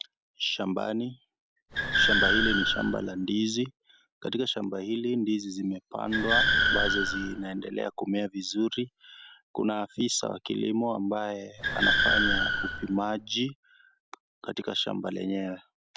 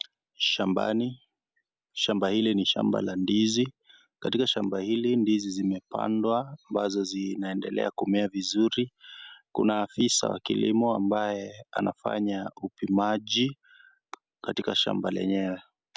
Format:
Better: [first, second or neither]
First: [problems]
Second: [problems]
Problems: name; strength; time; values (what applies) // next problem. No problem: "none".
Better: second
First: background sound (Car); 4 dB above the speech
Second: none